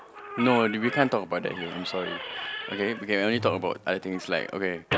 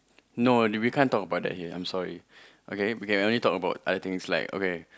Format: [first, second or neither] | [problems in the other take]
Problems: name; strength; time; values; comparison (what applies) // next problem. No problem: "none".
second | background sound (Squeak / Slam); 8 dB below the speech